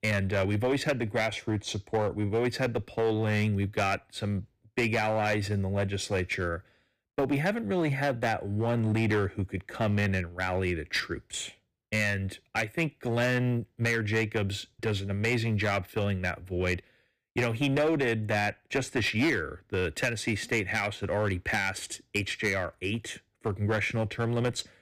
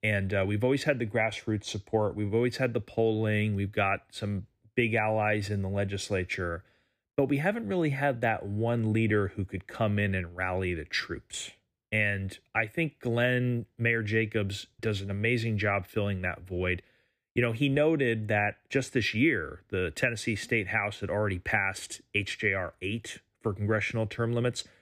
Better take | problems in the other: second | distortion; slight; 7% of the sound clipped

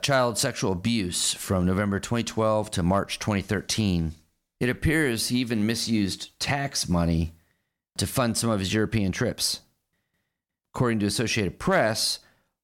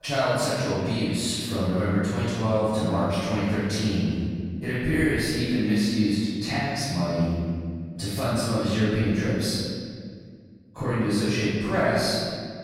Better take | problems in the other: first | off-mic speech; far // room echo; strong; dies away in 2 s

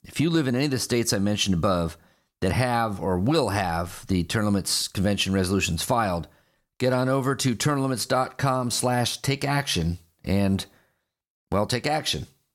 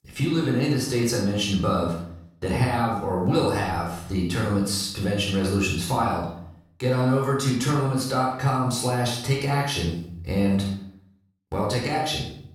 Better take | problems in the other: first | off-mic speech; far // room echo; noticeable; dies away in 0.5 s

